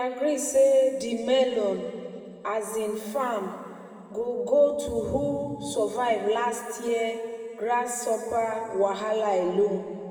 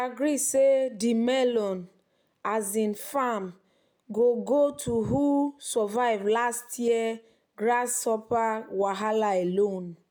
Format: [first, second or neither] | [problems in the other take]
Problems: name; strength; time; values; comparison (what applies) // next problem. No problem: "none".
second | room echo; dies away in 2.1 s